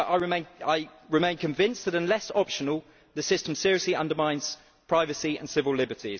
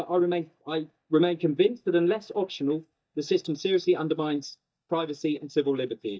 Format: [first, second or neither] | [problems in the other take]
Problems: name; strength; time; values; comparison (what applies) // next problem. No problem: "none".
first | noise reduction (neural mask model DeepFilterNet 3)